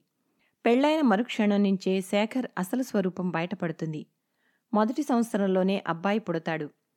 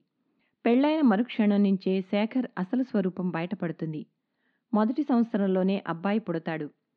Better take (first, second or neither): first